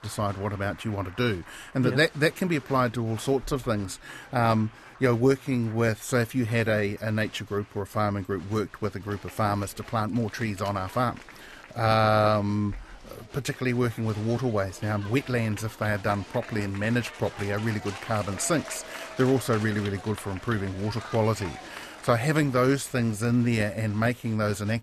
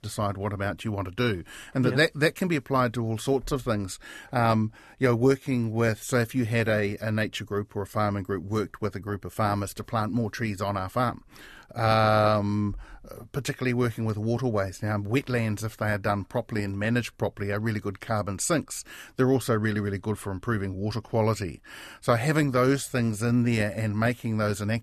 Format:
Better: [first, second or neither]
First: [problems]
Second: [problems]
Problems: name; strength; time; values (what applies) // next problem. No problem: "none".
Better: second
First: crowd noise; noticeable; throughout; 15 dB below the speech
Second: none